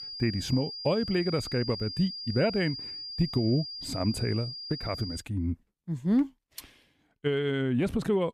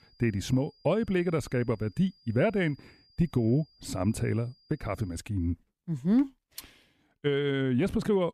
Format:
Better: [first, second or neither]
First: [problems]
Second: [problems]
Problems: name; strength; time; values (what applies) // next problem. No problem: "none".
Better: second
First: high-pitched whine; loud; until 5 s; 5 kHz, 7 dB below the speech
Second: high-pitched whine; faint; until 5 s; 5 kHz, 30 dB below the speech